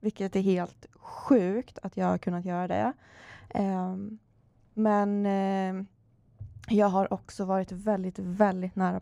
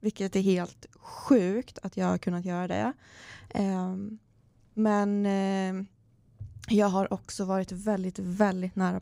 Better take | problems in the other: second | muffled; slightly; fading above 3 kHz

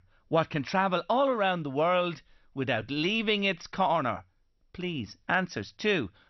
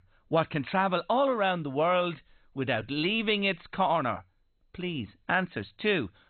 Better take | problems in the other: first | garbled, watery; badly; nothing above 4 kHz; slightly in the first

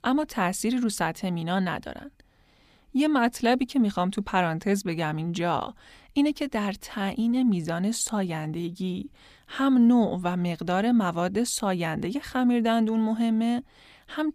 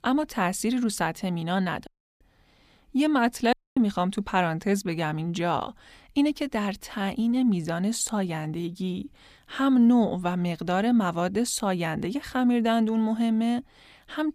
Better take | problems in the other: first | audio cutting out; at 2 s and at 3.5 s

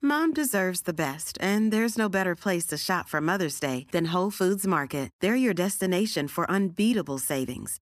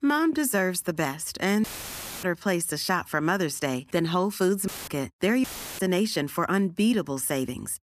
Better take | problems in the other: first | audio cutting out; filled with static; at 1.5 s for 0.5 s, at 4.5 s and at 5.5 s

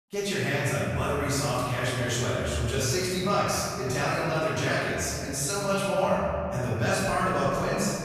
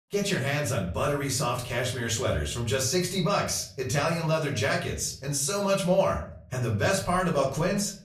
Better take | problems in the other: second | room echo; strong; dies away in 2.6 s; slight in the second // off-mic speech; far; far in the second

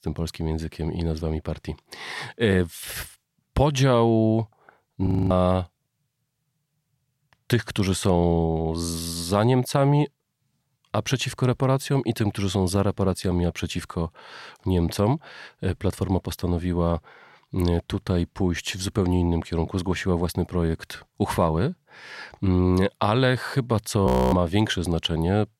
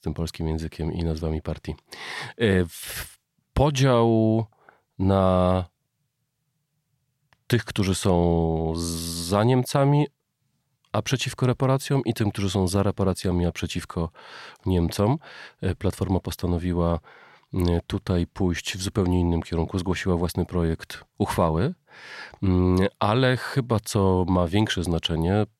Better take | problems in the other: second | audio freezing; at 5 s and at 24 s

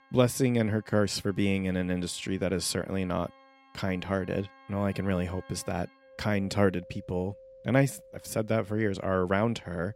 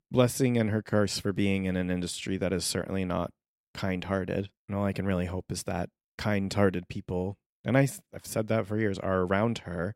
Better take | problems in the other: second | background music; faint; throughout; 25 dB below the speech

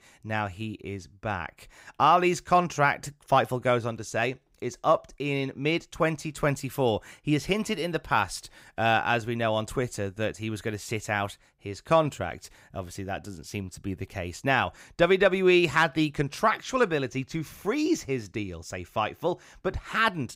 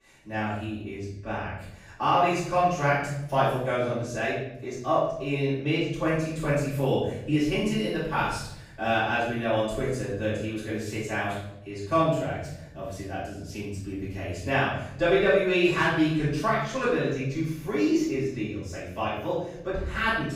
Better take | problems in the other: first | room echo; strong; dies away in 0.9 s // off-mic speech; far

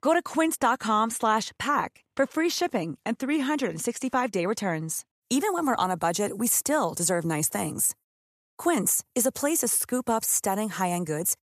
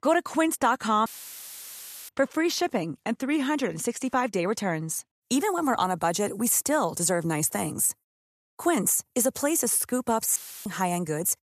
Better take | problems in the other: first | audio cutting out; filled with static; at 1 s for 1 s and at 10 s

